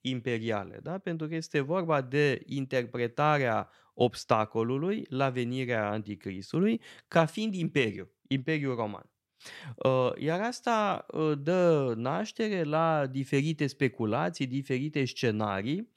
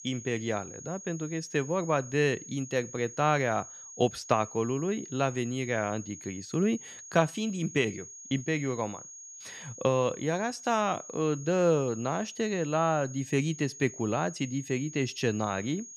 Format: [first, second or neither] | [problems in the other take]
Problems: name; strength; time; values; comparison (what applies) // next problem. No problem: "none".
first | high-pitched whine; noticeable; throughout; 6.5 kHz, 15 dB below the speech